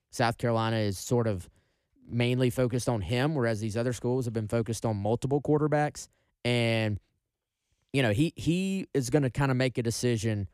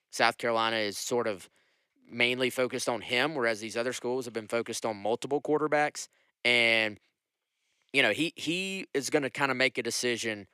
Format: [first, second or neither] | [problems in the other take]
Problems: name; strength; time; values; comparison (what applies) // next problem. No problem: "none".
first | thin; somewhat; fading below 350 Hz